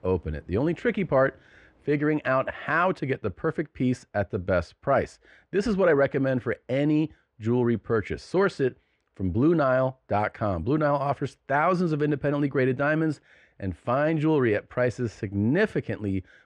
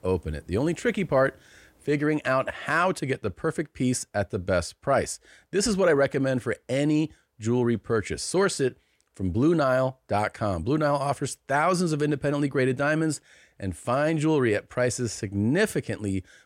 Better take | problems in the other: second | muffled; slightly; fading above 2.5 kHz

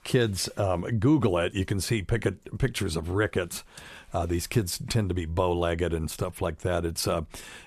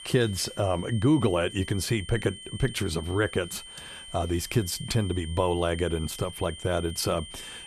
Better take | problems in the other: first | high-pitched whine; noticeable; throughout; 3 kHz, 15 dB below the speech

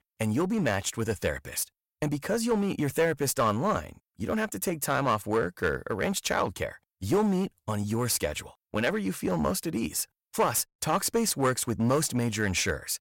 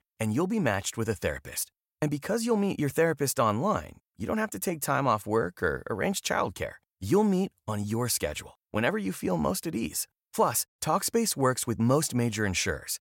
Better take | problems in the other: second | distortion; slight; 6% of the sound clipped

